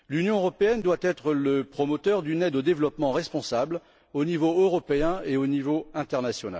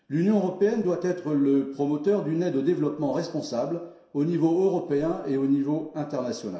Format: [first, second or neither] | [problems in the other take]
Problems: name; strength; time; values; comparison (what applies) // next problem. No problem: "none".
first | room echo; dies away in 0.7 s